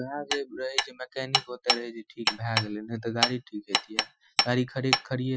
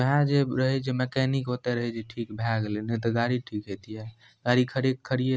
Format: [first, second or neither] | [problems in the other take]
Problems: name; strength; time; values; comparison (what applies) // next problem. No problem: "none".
second | noise reduction (classical method Wiener filter)